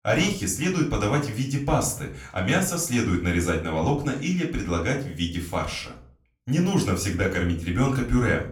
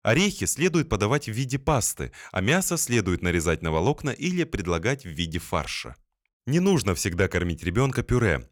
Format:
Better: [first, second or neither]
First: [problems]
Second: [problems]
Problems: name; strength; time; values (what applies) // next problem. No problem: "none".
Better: second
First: off-mic speech; far // room echo; slight; dies away in 0.4 s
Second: none